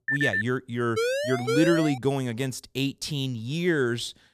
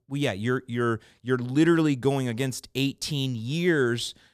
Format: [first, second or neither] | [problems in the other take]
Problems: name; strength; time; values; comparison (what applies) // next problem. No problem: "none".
second | phone ringing; loud; at the start; peak 2 dB above the speech // siren; loud; from 1 to 2 s; peak 1 dB above the speech